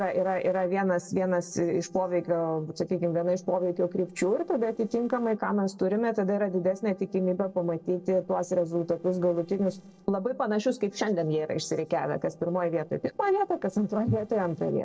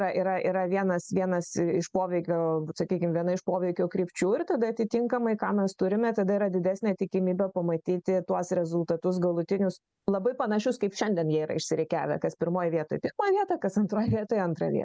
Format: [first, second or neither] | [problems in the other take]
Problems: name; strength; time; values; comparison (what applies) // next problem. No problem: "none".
second | noise reduction (neural separator model SepFormer DNS4)